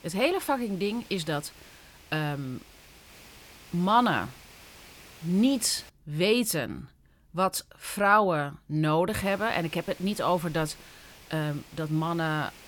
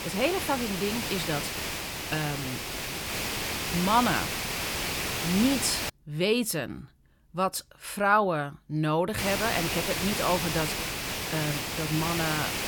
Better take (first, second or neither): first